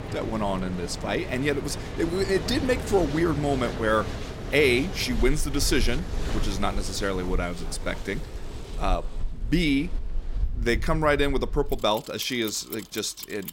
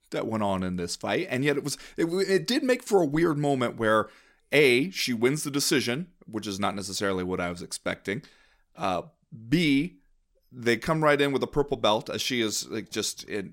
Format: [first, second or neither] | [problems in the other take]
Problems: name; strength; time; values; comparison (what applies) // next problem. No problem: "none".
second | machinery noise; loud; throughout; 8 dB below the speech